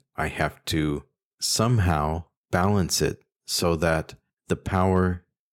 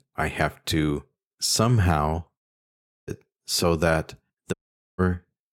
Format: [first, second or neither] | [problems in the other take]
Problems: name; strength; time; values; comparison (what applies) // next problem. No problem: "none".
first | audio cutting out; at 2.5 s for 0.5 s and at 4.5 s